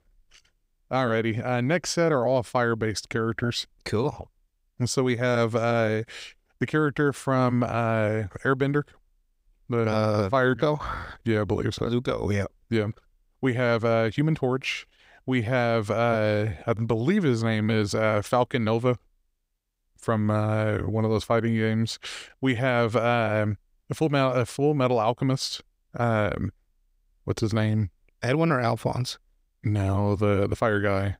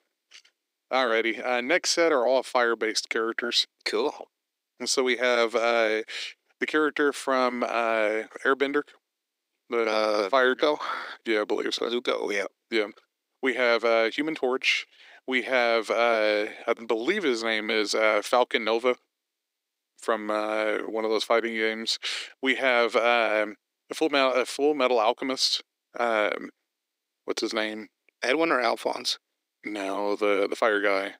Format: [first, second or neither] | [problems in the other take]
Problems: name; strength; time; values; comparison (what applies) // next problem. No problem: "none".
first | thin; somewhat; fading below 300 Hz